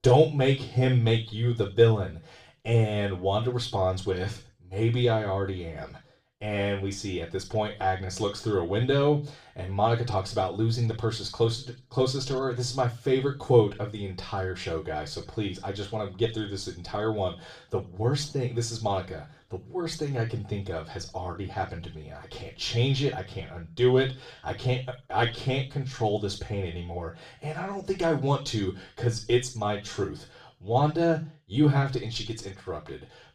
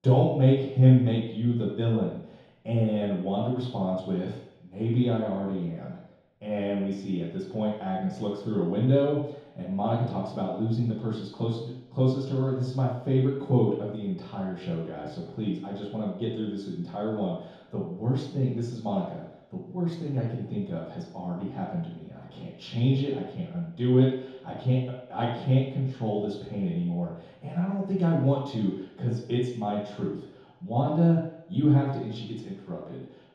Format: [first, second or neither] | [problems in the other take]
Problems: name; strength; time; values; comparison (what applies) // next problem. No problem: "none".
first | room echo; strong; dies away in 0.8 s; slight in the first // off-mic speech; far; far in the first